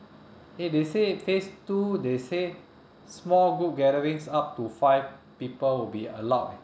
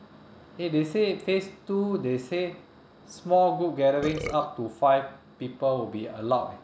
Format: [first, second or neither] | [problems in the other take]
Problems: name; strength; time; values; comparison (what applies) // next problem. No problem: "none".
first | background sound (Burping, eructation); 8 dB below the speech